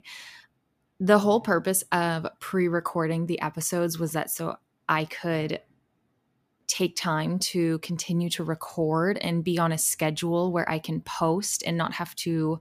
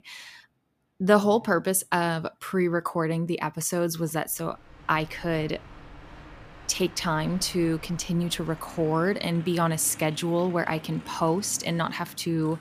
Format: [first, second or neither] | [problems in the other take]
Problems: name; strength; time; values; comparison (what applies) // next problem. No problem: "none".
first | train or aircraft noise; noticeable; from 4.5 s on; 20 dB below the speech